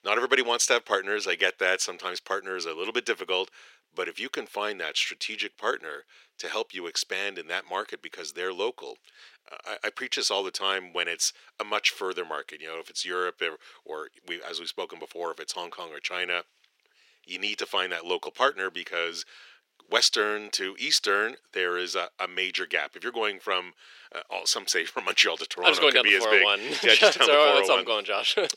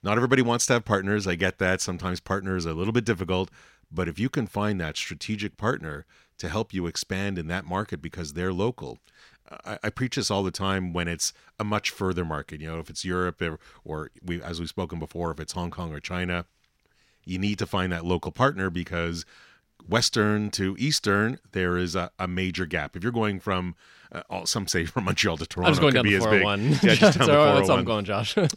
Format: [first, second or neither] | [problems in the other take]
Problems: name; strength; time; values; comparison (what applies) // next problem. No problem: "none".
second | thin; very; fading below 400 Hz